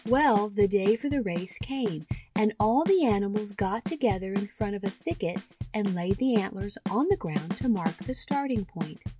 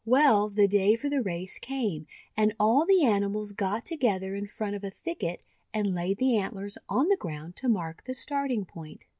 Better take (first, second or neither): second